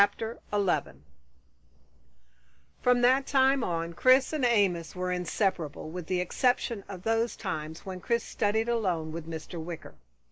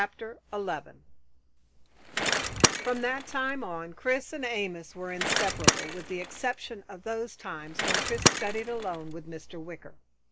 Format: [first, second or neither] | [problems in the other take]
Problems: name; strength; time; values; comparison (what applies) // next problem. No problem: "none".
first | background sound (Bicycle); 4 dB above the speech